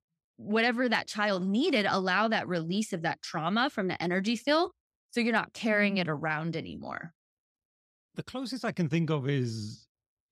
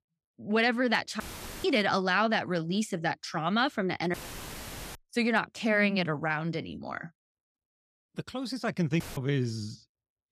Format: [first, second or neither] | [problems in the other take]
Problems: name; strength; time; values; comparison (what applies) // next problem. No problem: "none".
first | audio cutting out; filled with static; at 1 s, at 4 s for 1 s and at 9 s